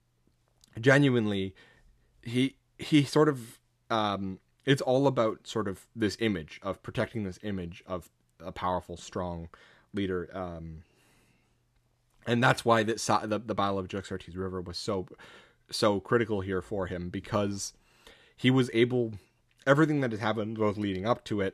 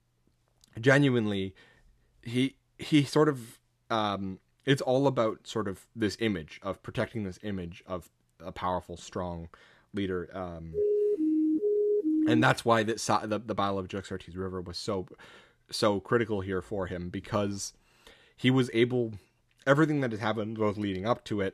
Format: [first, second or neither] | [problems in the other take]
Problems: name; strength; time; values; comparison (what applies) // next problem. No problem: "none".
first | siren; loud; from 11 to 12 s; peak 3 dB above the speech